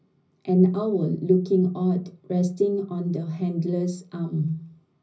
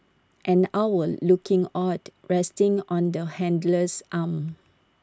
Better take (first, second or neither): second